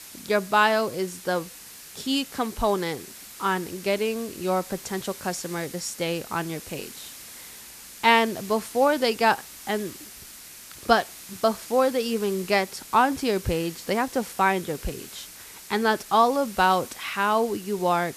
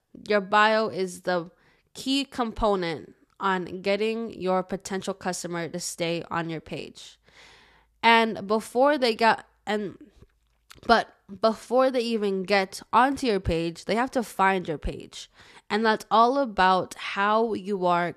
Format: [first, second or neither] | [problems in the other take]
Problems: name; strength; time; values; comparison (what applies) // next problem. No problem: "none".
second | hiss; noticeable; throughout; 15 dB below the speech